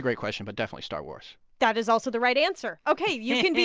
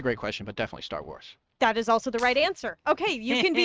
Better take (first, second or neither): first